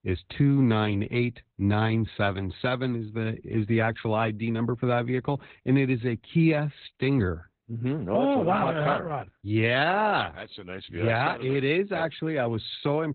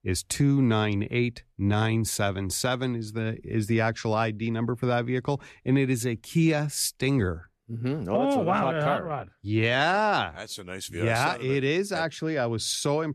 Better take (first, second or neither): second